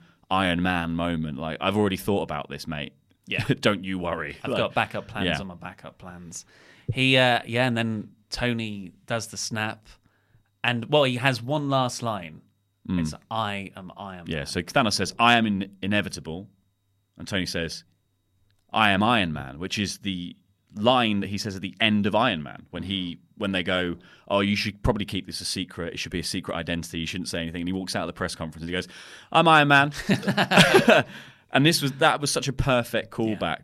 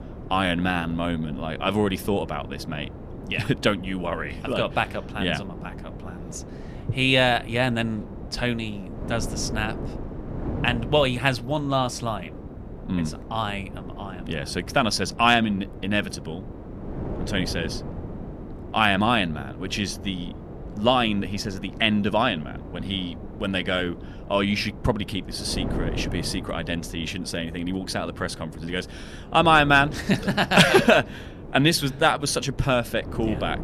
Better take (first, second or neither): first